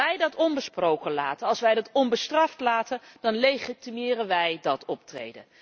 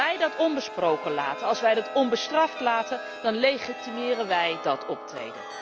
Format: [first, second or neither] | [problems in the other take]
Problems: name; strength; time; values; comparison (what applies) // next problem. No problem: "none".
first | background sound (Chime); 10 dB below the speech